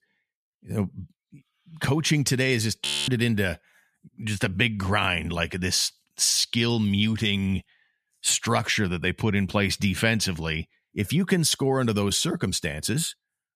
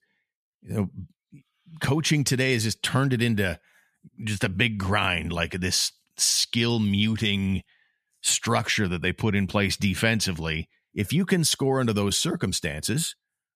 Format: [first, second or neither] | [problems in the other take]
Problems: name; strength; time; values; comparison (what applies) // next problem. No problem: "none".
second | audio freezing; at 3 s